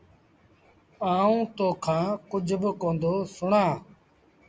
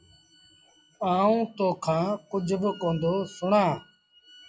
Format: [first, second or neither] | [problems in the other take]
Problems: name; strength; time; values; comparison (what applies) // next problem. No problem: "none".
first | noise reduction (classical method log-MMSE)